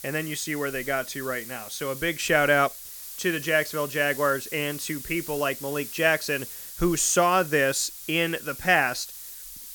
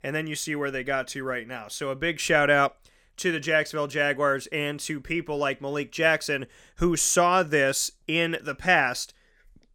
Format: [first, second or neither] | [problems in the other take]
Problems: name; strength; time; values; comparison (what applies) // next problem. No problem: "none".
second | hiss; noticeable; throughout; 10 dB below the speech